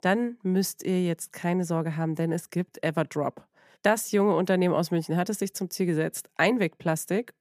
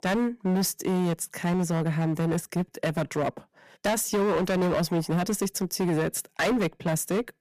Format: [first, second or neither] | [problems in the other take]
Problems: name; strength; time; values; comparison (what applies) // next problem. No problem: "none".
first | distortion; heavy; 18% of the sound clipped